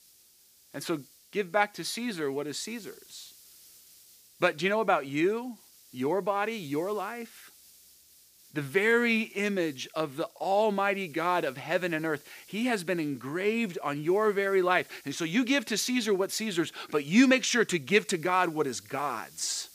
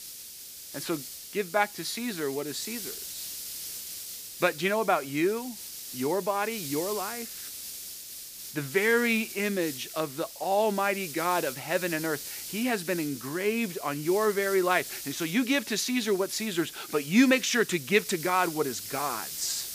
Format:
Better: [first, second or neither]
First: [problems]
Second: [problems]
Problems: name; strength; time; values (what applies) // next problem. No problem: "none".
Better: first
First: hiss; faint; throughout; 25 dB below the speech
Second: hiss; loud; throughout; 9 dB below the speech